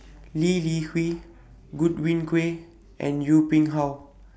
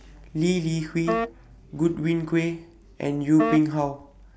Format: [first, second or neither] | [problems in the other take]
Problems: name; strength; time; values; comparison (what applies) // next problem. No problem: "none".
first | background sound (Wind instrument, woodwind instrument); 6 dB below the speech